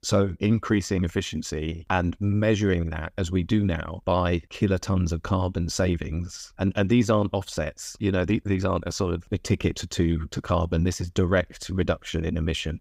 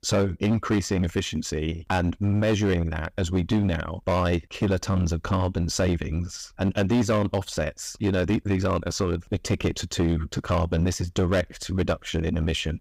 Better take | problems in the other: first | distortion; slight; 8% of the sound clipped

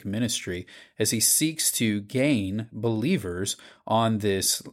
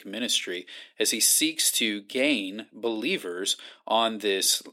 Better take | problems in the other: first | thin; very slightly; fading below 250 Hz

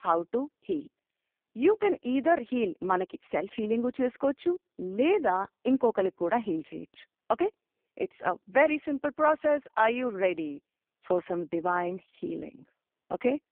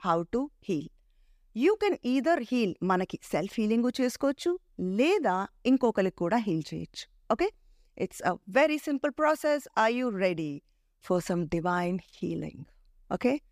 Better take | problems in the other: second | phone-call audio; poor line

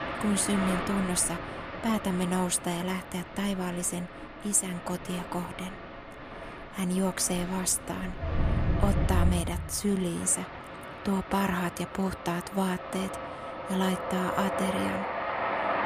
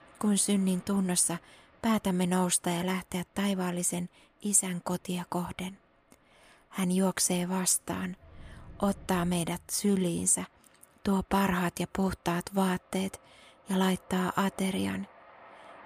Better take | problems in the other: second | train or aircraft noise; loud; throughout; 5 dB below the speech; faint in the second

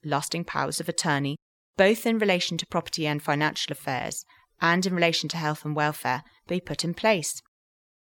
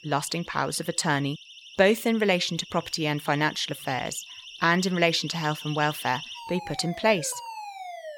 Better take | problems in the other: first | alarms or sirens; noticeable; throughout; 15 dB below the speech

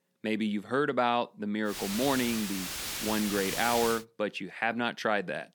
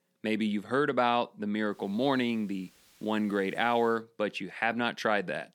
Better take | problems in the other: second | hiss; loud; from 1.5 to 4 s; 4 dB below the speech; faint in the second

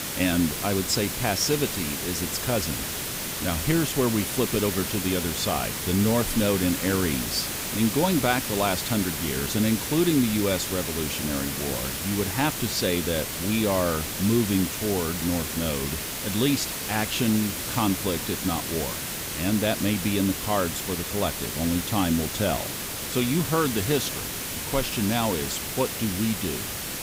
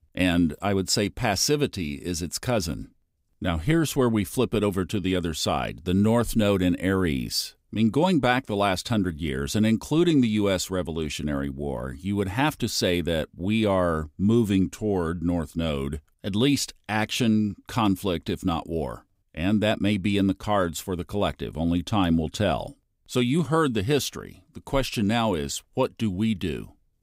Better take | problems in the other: second | hiss; loud; throughout; 3 dB below the speech

